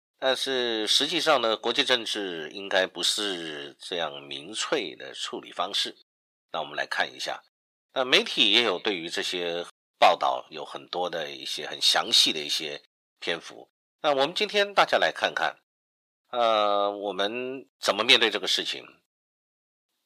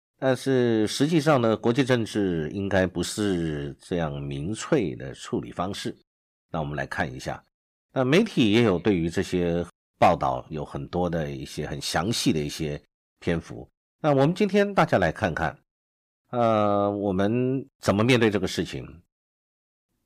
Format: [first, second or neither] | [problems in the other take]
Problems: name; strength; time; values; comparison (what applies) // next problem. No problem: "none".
second | thin; very; fading below 600 Hz